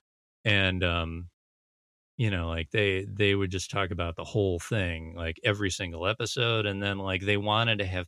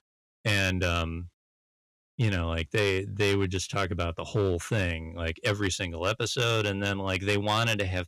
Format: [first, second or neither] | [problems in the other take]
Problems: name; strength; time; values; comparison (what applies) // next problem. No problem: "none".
first | distortion; slight; 4% of the sound clipped